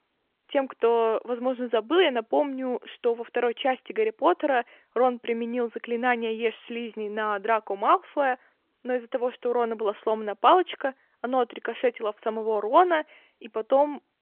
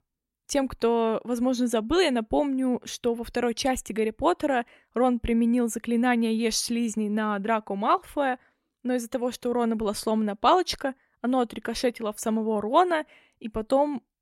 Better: second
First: phone-call audio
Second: none

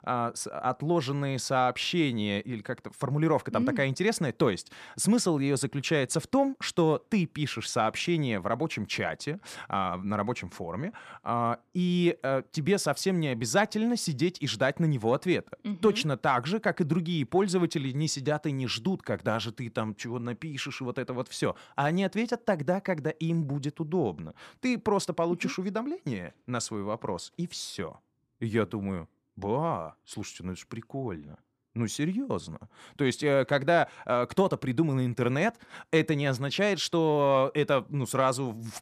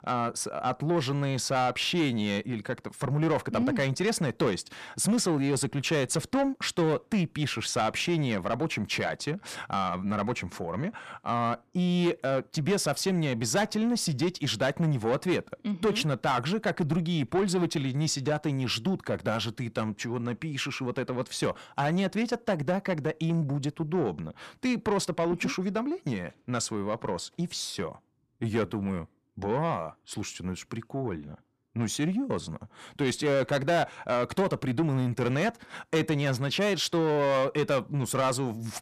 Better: first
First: none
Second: distortion; slight; 10 dB below the speech

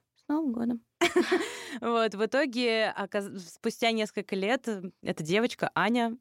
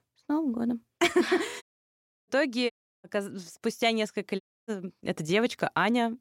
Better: first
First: none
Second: audio cutting out; at 1.5 s for 0.5 s, at 2.5 s and at 4.5 s

